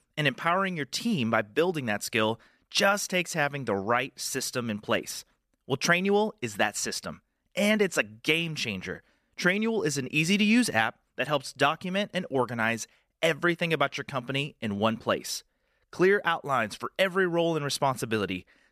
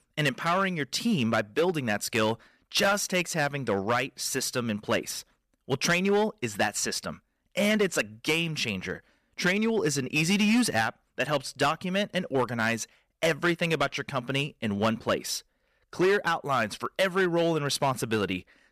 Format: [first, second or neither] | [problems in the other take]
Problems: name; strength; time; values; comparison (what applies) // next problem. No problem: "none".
first | distortion; slight; 5% of the sound clipped